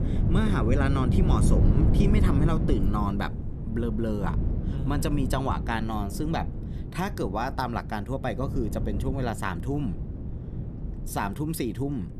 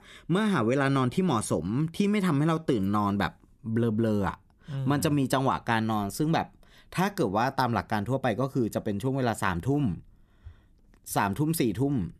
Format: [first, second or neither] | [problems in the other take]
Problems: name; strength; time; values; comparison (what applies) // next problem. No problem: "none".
second | wind noise on the microphone; heavy; 7 dB below the speech